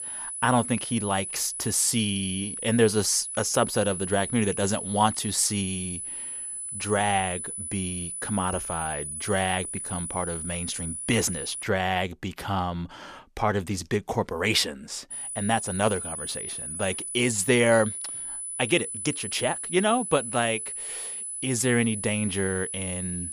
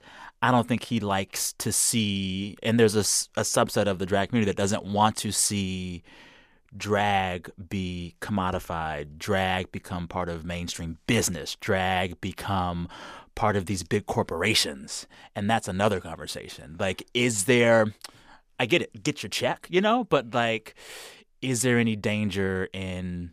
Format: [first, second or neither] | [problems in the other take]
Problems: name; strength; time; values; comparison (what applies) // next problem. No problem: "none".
second | high-pitched whine; loud; until 12 s and from 15 s on; 10 kHz, 5 dB below the speech